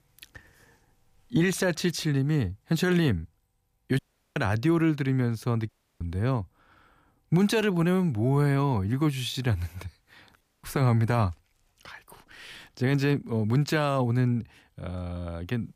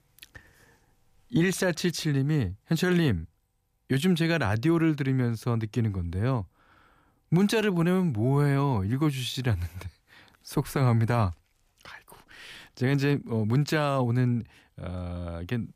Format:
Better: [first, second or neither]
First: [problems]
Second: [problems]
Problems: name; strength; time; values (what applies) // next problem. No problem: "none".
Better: second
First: audio cutting out; at 4 s, at 5.5 s and at 10 s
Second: none